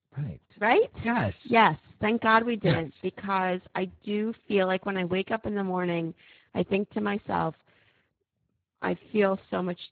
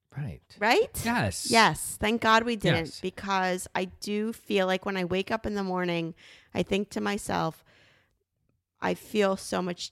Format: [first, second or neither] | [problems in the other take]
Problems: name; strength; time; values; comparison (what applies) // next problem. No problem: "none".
second | garbled, watery; badly; nothing above 4 kHz